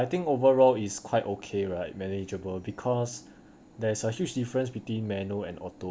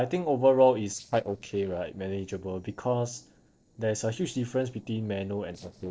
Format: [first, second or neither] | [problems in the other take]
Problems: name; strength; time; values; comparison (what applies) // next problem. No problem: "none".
first | noise reduction (neural separator model SepFormer DNS4)